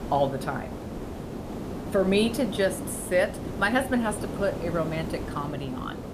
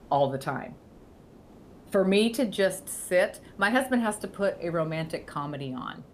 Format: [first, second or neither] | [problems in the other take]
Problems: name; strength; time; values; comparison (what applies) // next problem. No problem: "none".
second | hiss; loud; throughout; 8 dB below the speech; faint in the second